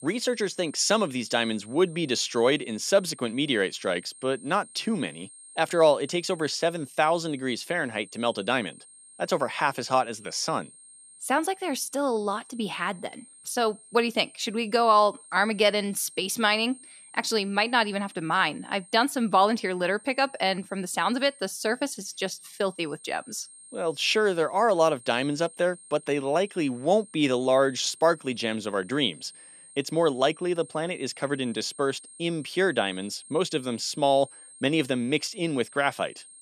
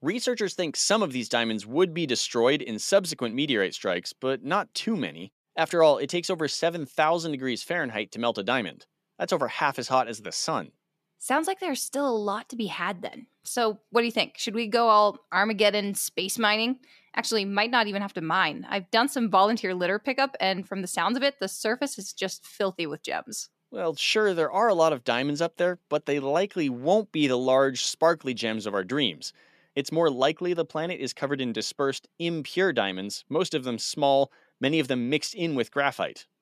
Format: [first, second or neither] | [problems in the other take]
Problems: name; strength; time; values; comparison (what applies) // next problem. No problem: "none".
second | high-pitched whine; faint; throughout; 8.5 kHz, 20 dB below the speech